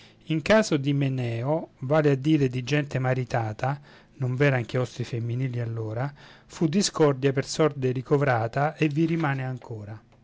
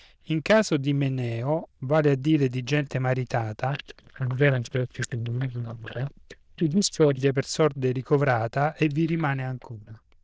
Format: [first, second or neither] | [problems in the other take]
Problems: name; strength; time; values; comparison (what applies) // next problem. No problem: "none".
first | noise reduction (neural diffusion model UNIVERSE++)